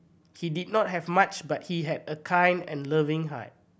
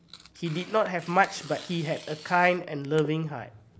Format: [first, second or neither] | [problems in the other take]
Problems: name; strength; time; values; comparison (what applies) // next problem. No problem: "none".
first | background sound (Tearing); 19 dB below the speech